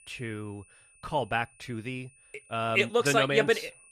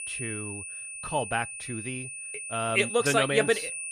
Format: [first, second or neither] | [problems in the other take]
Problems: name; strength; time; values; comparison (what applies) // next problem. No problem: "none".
first | high-pitched whine; loud; throughout; 2.5 kHz, 7 dB below the speech; faint in the first